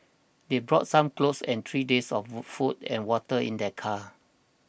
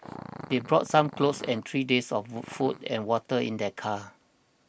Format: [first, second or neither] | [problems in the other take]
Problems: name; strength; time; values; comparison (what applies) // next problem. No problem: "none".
first | background sound (Growling); 18 dB below the speech